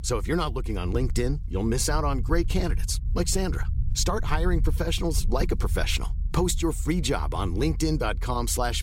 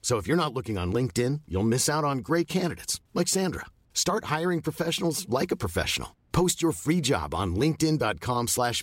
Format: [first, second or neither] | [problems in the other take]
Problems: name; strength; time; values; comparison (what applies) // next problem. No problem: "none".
second | low rumble; faint; throughout; 20 dB below the speech